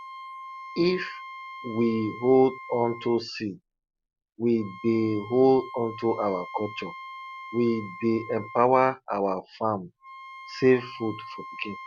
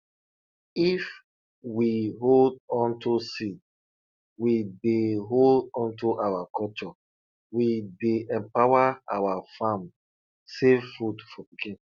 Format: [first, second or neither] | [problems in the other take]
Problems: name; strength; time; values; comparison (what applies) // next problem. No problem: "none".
second | background sound (Wind instrument, woodwind instrument); 15 dB below the speech